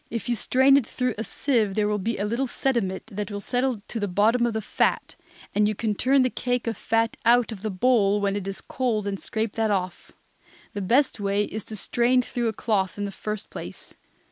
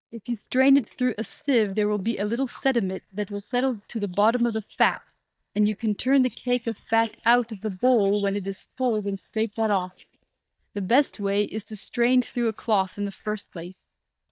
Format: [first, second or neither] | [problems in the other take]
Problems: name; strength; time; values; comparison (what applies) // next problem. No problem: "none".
first | noise reduction (neural mask model DeepFilterNet 3)